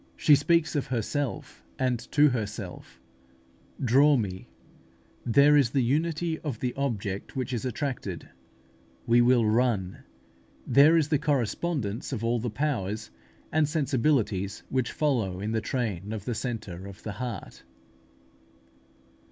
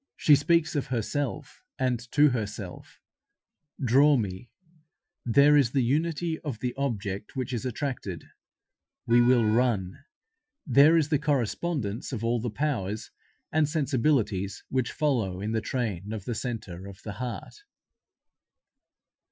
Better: first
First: none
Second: noise reduction (classical method Wiener filter)

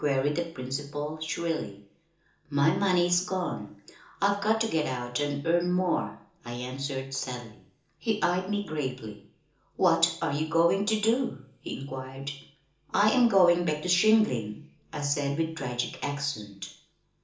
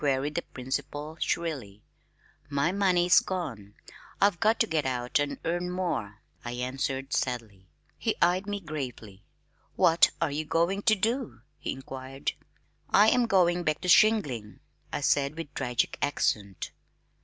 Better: second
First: room echo; dies away in 0.7 s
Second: none

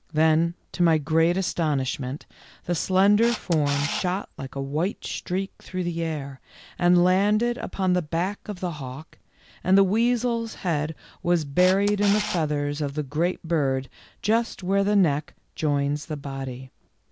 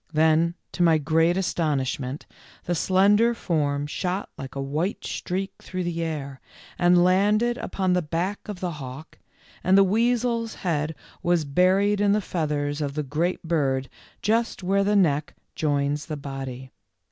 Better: second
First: background sound (Camera); 18 dB below the speech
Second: none

